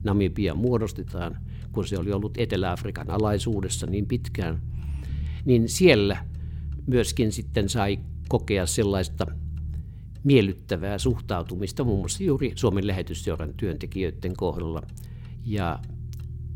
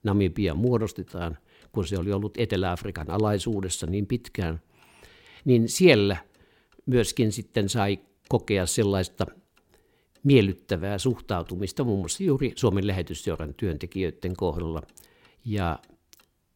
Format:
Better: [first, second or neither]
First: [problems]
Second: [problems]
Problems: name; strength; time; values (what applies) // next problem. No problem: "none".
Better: second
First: low rumble; faint; throughout; 20 dB below the speech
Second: none